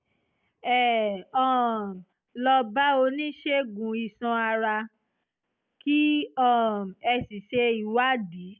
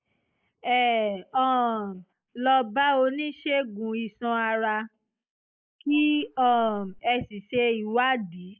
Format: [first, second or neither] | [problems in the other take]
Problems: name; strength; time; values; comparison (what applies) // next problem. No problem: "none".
first | noise reduction (neural mask model Resemble Enhance denoiser)